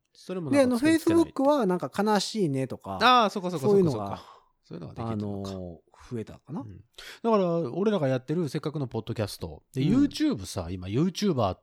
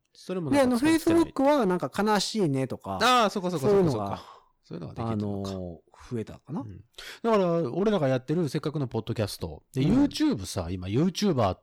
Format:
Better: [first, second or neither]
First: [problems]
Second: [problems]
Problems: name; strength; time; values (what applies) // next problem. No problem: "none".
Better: first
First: none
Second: distortion; slight; 6% of the sound clipped